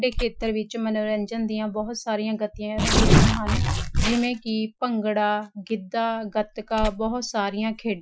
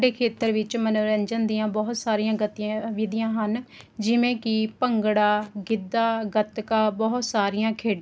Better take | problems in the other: second | noise reduction (classical method Wiener filter)

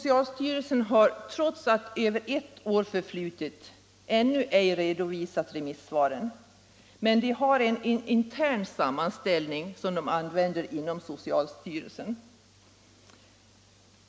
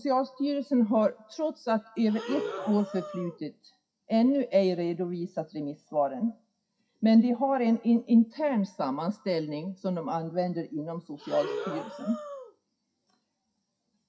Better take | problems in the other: first | noise reduction (classical method WPE with log-MMSE)

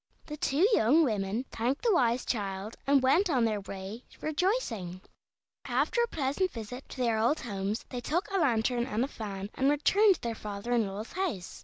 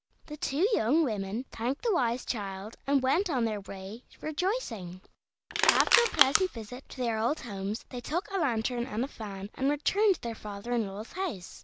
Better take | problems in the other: first | background sound (Crushing); 3 dB above the speech

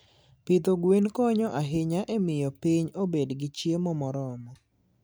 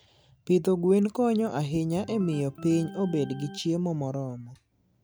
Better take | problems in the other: first | background sound (Organ); 17 dB below the speech

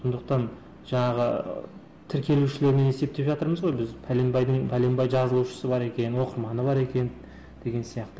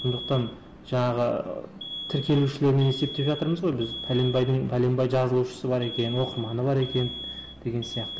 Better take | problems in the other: first | background sound (Alarm); 13 dB below the speech

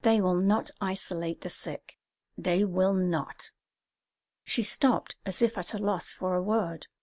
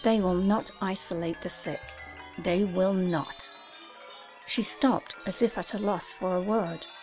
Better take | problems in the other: first | background sound (Chime); 18 dB below the speech

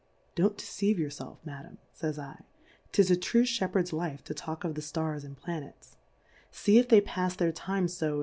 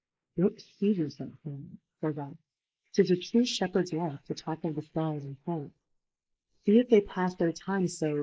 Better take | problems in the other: first | noise reduction (neural mask model Resemble Enhance denoiser)

